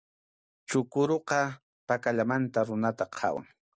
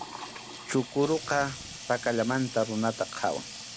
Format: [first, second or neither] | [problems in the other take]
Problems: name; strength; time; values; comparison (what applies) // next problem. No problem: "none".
first | background sound (Sink (filling or washing) / Water tap, faucet); 12 dB below the speech